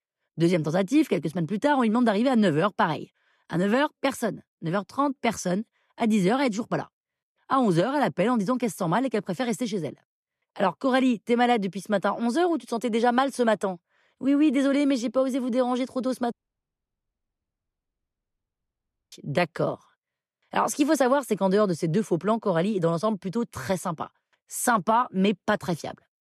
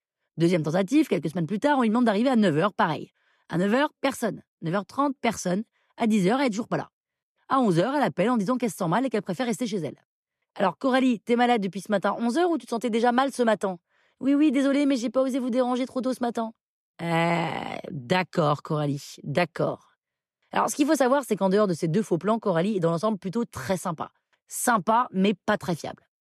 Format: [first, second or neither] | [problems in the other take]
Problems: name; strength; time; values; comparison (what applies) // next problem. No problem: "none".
second | audio cutting out; at 16 s for 3 s